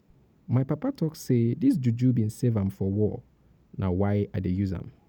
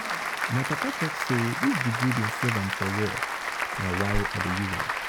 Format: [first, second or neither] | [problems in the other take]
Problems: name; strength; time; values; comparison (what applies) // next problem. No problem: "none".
first | background sound (Applause); as loud as the speech